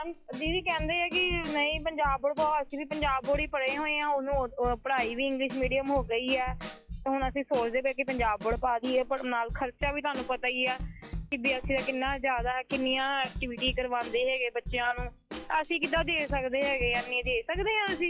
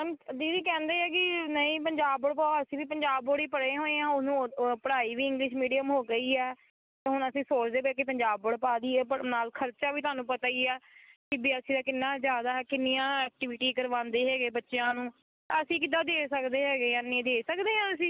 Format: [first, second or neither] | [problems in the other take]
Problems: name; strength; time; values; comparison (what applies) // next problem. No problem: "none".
second | noise reduction (classical method log-MMSE)